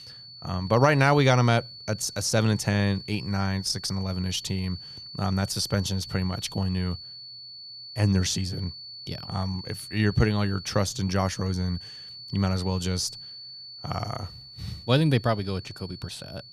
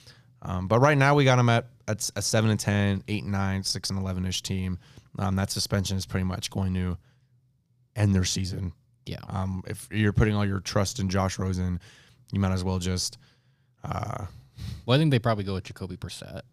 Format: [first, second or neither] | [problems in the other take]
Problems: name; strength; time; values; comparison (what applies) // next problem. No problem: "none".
second | high-pitched whine; noticeable; throughout; 4.5 kHz, 15 dB below the speech